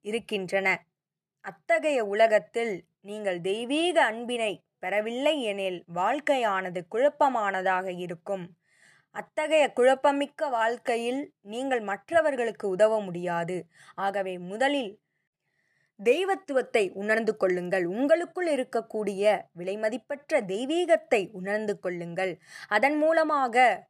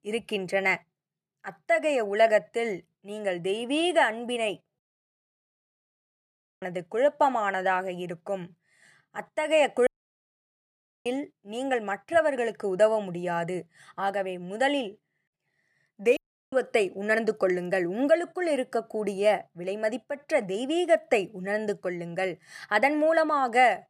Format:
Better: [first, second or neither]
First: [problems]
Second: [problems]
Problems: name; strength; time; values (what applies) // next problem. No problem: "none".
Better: first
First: none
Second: audio cutting out; at 5 s for 2 s, at 10 s for 1 s and at 16 s